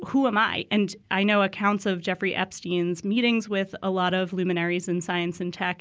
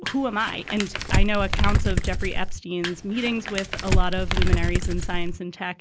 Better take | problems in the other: first | background sound (Crumpling, crinkling); 5 dB above the speech

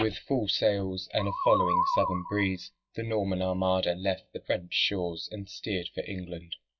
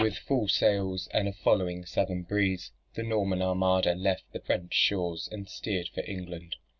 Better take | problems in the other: second | noise reduction (classical method log-MMSE)

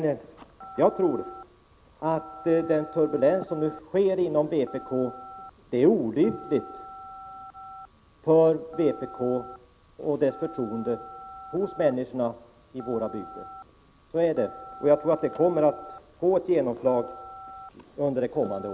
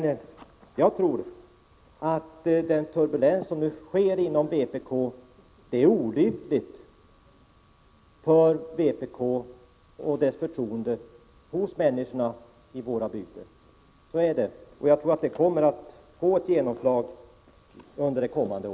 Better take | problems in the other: second | background sound (Telephone); 18 dB below the speech

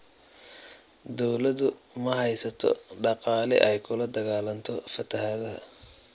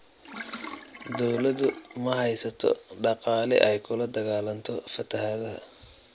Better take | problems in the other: first | background sound (Sink (filling or washing)); 14 dB below the speech

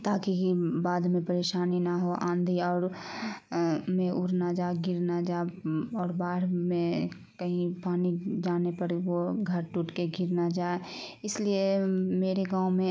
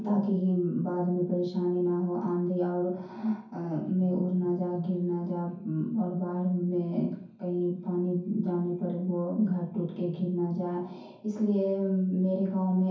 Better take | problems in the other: first | room echo; dies away in 0.6 s

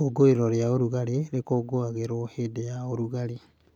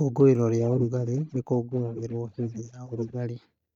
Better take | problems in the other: first | noise reduction (neural mask model DeepFilterNet 3)

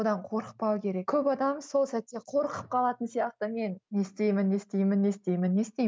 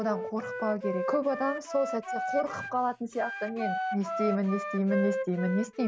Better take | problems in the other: first | background sound (Wind instrument, woodwind instrument); 4 dB below the speech

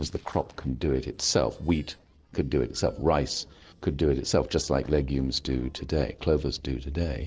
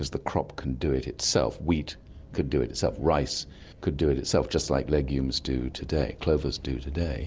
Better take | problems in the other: second | noise reduction (neural separator model SepFormer DNS4)

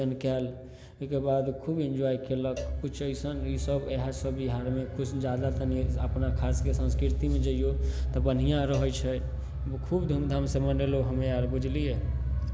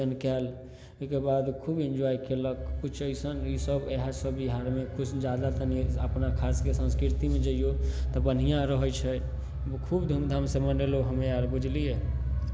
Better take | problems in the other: second | background sound (Cowbell); 20 dB below the speech

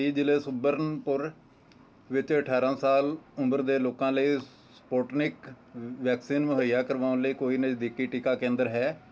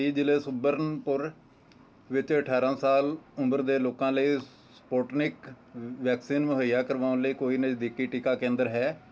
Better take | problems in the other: second | background sound (Cowbell); 14 dB below the speech

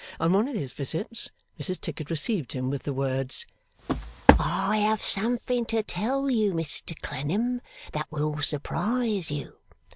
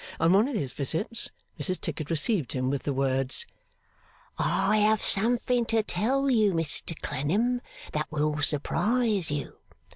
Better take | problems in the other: second | background sound (Walk, footsteps); 5 dB above the speech

